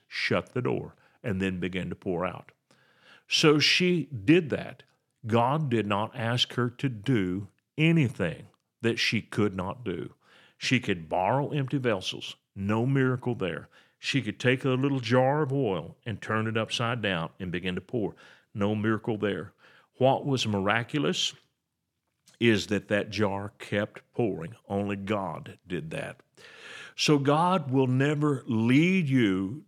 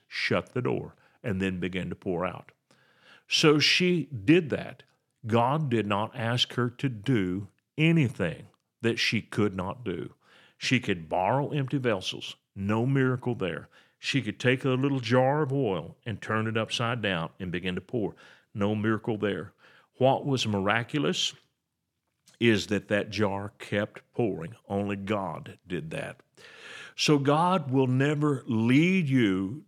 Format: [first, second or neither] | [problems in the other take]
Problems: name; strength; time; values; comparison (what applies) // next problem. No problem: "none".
neither | none